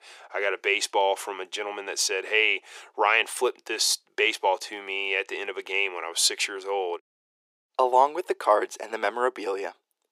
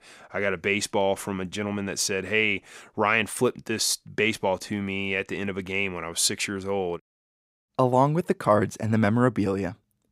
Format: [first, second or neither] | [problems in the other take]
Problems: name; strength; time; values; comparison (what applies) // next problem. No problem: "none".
second | thin; very; fading below 350 Hz